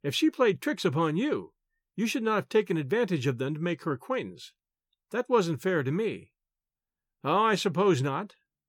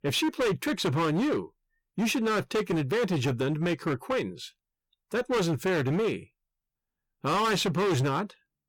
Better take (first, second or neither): first